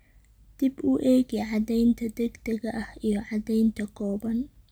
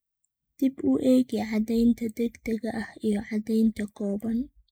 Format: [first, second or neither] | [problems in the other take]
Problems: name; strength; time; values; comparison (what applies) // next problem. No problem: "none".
first | noise reduction (neural mask model Resemble Enhance denoiser)